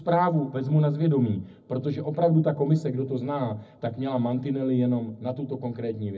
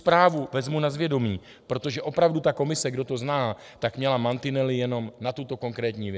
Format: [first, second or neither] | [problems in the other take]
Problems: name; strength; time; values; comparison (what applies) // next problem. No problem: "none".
second | room echo; dies away in 0.4 s